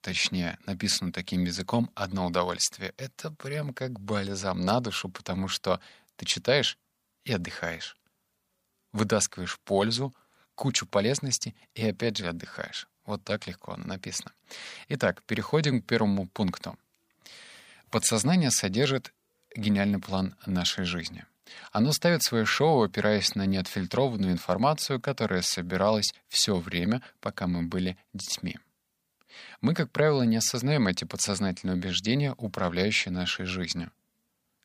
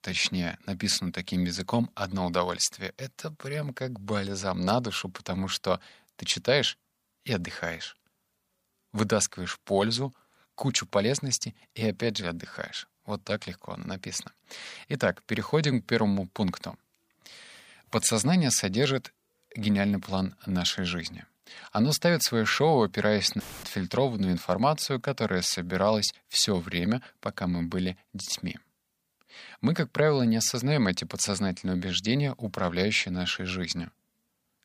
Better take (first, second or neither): first